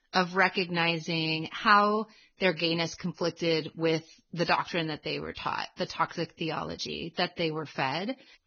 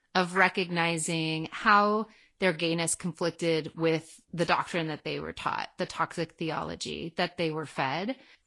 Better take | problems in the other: second | garbled, watery; badly; nothing above 6 kHz; slightly in the second

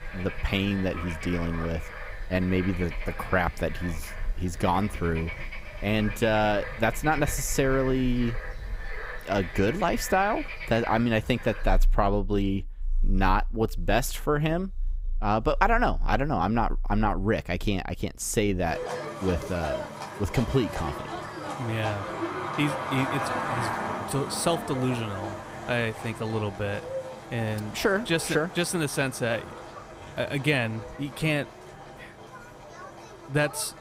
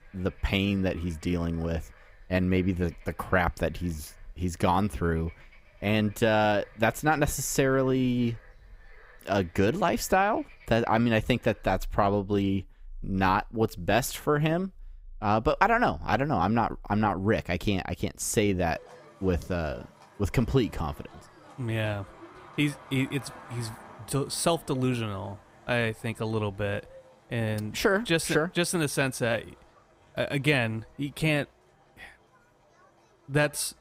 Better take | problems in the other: second | animal sounds; loud; throughout; 9 dB below the speech; faint in the second

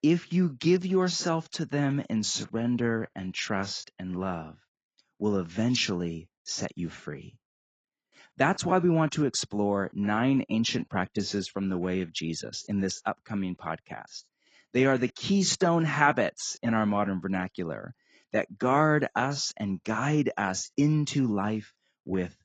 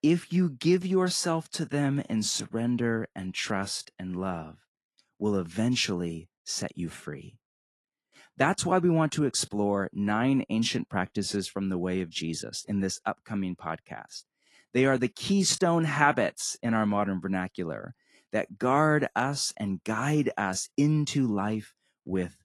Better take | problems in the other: second | garbled, watery; badly; nothing above 7.5 kHz; slightly in the second

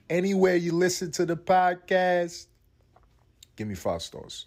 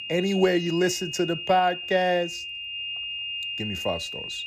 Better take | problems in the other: first | high-pitched whine; loud; throughout; 3 kHz, 7 dB below the speech

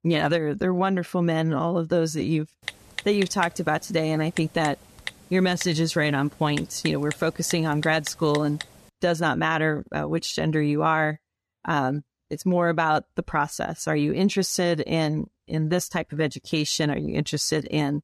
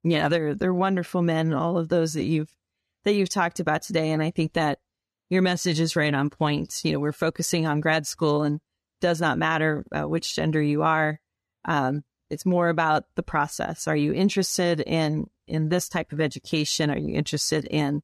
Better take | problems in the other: second | keyboard typing; noticeable; from 2.5 to 8.5 s; peak 9 dB below the speech

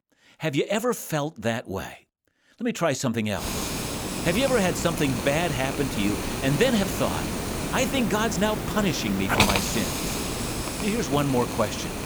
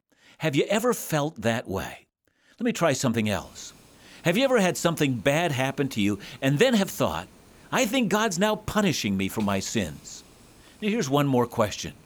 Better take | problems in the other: second | hiss; loud; from 3.5 s on; 2 dB below the speech; faint in the second

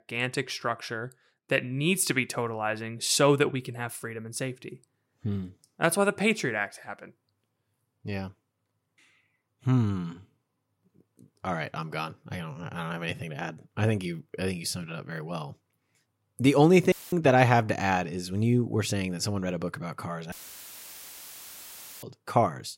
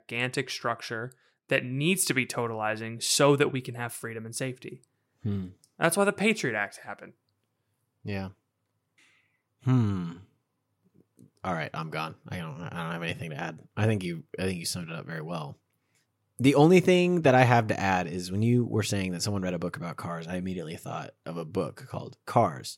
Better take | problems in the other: second | audio cutting out; filled with static; at 17 s and at 20 s for 1.5 s

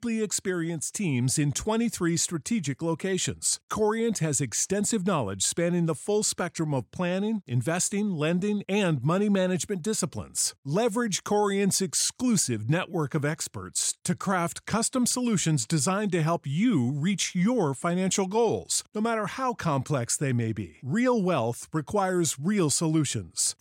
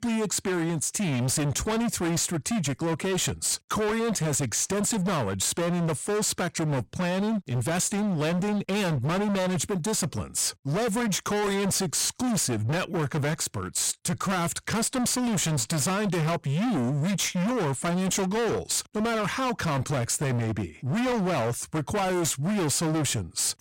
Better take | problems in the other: first | distortion; heavy; 41% of the sound clipped

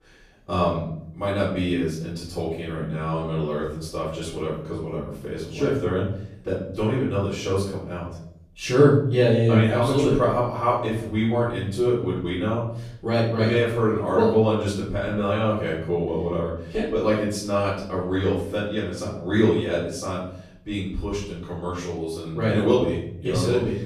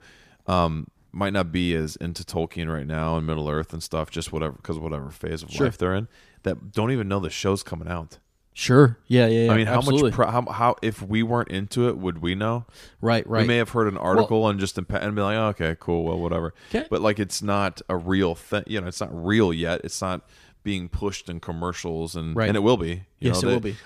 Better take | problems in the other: second | off-mic speech; far // room echo; noticeable; dies away in 0.7 s

